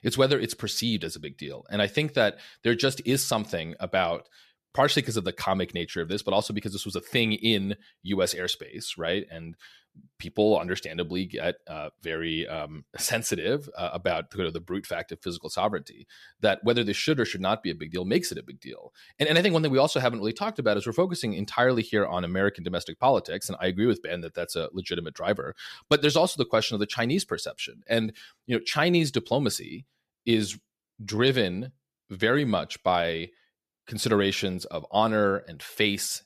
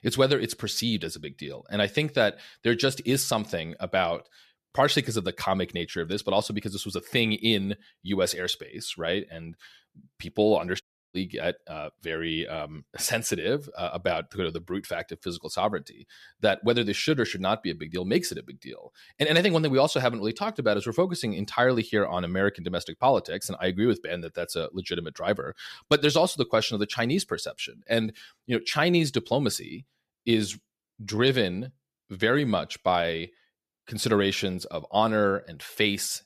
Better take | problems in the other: first | audio cutting out; at 11 s

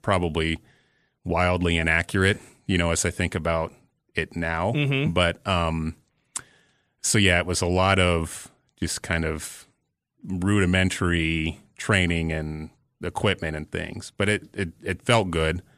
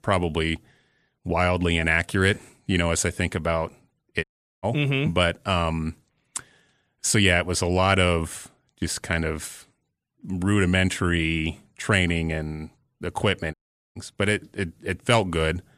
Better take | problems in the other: first | audio cutting out; at 4 s and at 14 s

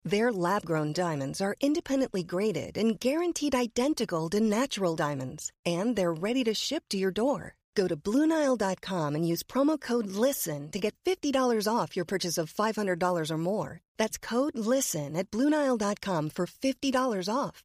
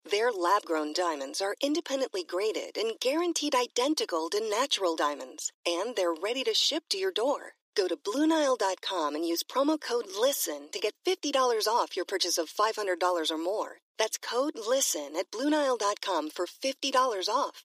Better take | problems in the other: first | thin; somewhat; fading below 300 Hz

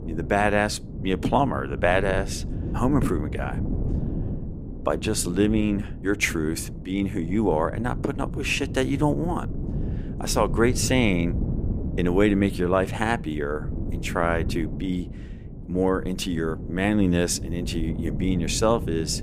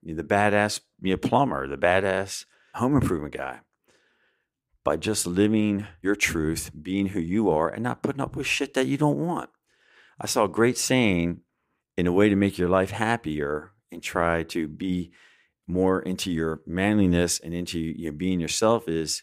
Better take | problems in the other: second | wind noise on the microphone; occasional gusts; 15 dB below the speech

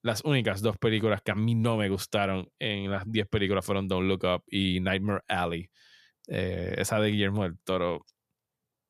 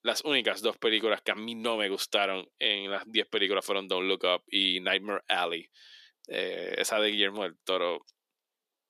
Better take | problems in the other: first | thin; somewhat; fading below 300 Hz

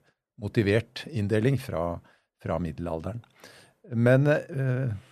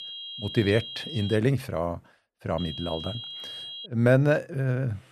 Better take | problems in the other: first | high-pitched whine; noticeable; until 1.5 s and from 2.5 to 4 s; 3 kHz, 10 dB below the speech

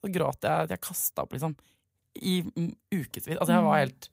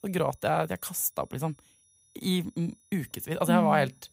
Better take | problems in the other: first | high-pitched whine; faint; throughout; 10.5 kHz, 35 dB below the speech

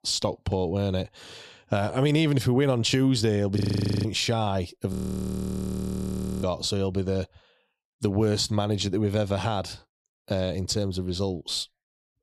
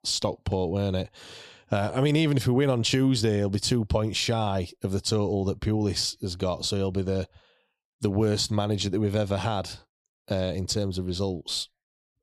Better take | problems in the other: second | audio freezing; at 3.5 s and at 5 s for 1.5 s

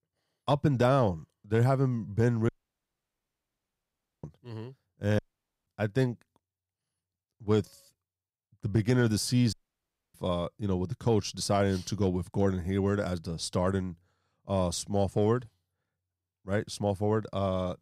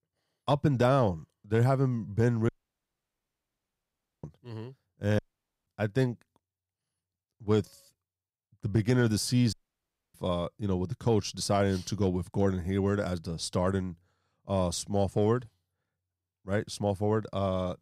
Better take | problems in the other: neither | audio cutting out; at 2.5 s for 1.5 s, at 5 s and at 9.5 s for 0.5 s; the same in both

